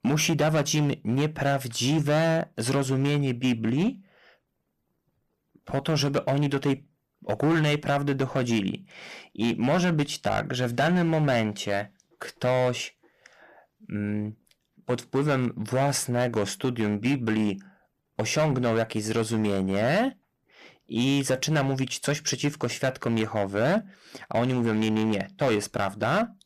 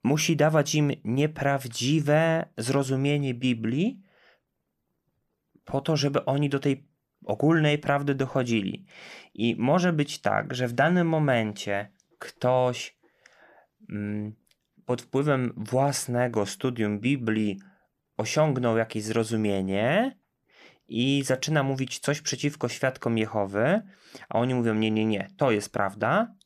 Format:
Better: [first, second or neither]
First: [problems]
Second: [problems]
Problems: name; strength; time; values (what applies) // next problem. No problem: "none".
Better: second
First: distortion; slight; 9% of the sound clipped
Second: none